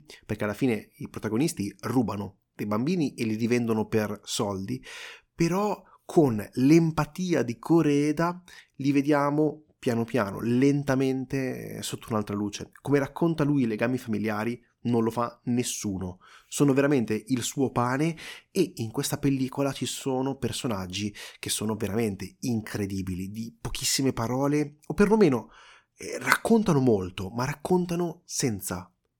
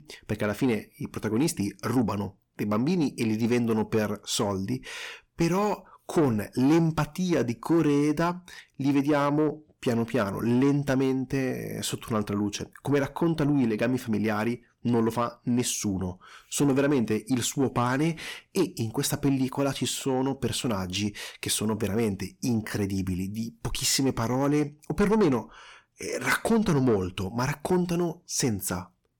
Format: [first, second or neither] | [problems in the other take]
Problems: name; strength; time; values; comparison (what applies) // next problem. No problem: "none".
first | distortion; slight; 10 dB below the speech